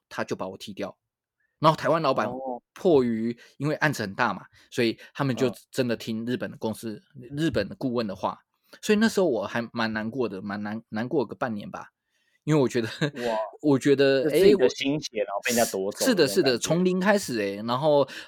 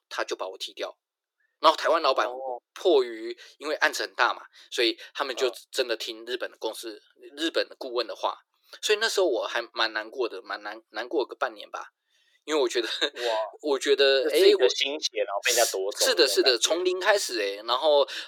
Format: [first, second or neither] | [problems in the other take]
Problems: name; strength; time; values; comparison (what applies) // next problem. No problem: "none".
first | thin; very; fading below 350 Hz